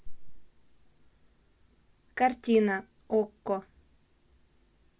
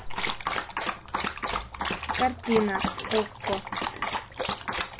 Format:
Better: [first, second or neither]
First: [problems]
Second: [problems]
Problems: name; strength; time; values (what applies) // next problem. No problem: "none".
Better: first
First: none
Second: background sound (Dog); 1 dB above the speech